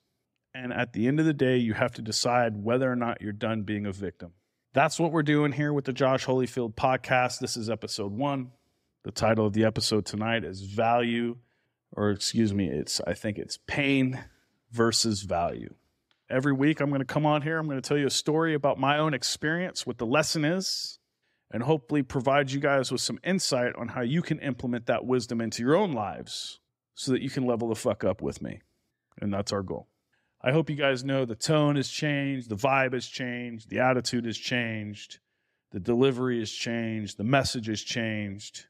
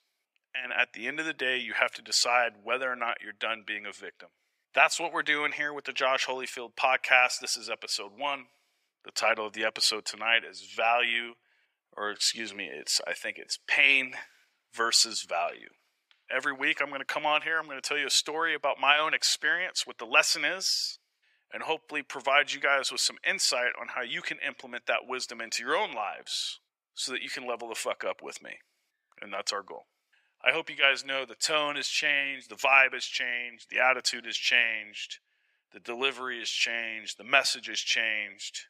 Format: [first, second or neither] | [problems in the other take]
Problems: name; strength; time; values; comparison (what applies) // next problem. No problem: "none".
first | thin; very; fading below 850 Hz